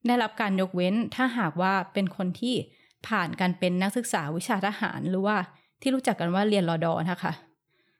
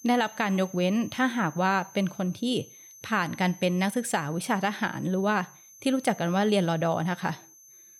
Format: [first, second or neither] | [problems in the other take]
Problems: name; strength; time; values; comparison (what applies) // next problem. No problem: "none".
first | high-pitched whine; faint; throughout; 6 kHz, 20 dB below the speech